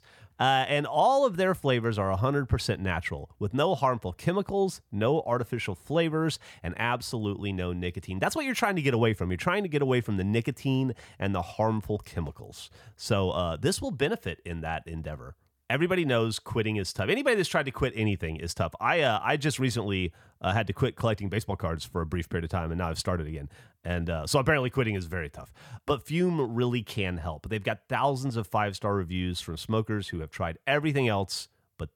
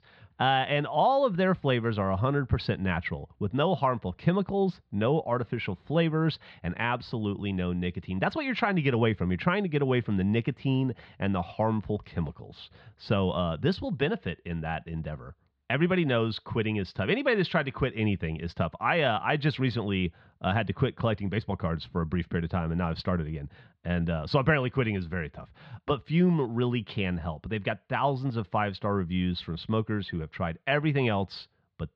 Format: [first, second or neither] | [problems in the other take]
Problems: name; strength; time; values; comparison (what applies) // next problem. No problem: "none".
first | muffled; very slightly; fading above 4 kHz